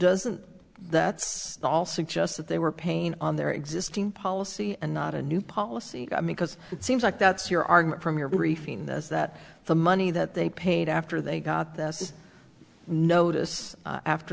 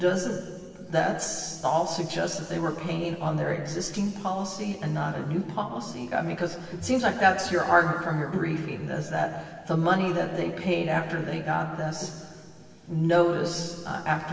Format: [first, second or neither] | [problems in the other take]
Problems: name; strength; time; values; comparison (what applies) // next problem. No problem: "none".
first | room echo; dies away in 2.9 s